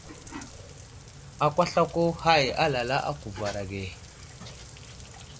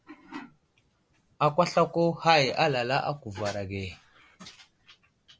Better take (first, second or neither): second